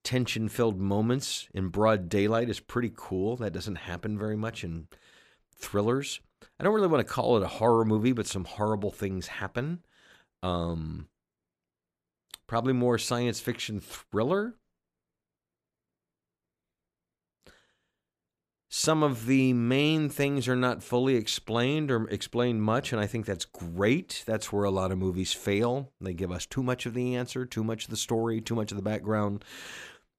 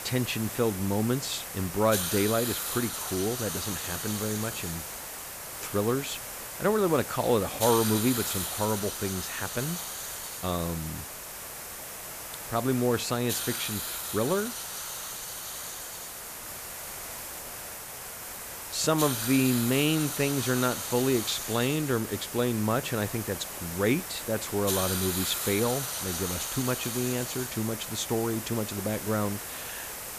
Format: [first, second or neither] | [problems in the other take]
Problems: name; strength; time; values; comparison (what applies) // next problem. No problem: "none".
first | hiss; loud; throughout; 4 dB below the speech